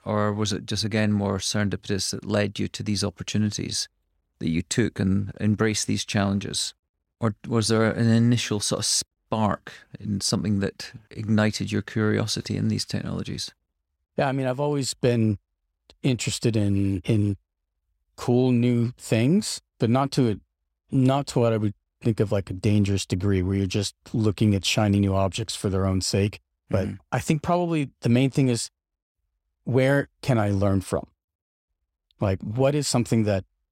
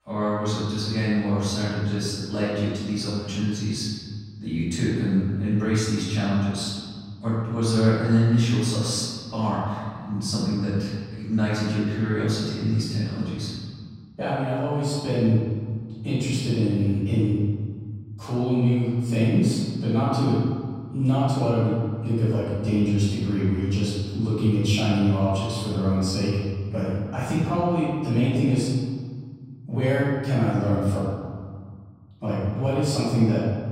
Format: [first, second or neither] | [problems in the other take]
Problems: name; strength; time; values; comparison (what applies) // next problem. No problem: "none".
first | off-mic speech; far // room echo; strong; dies away in 1.8 s